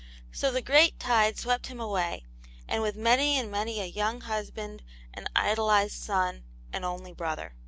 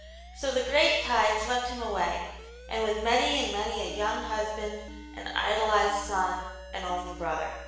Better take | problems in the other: first | background sound (Alarm); 19 dB below the speech // room echo; dies away in 0.9 s

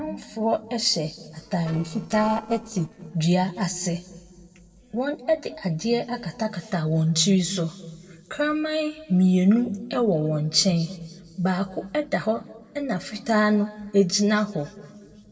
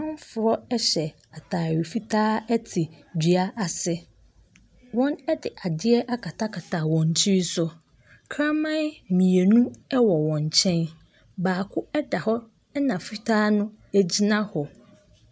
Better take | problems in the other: second | noise reduction (neural separator model SepFormer DNS4)

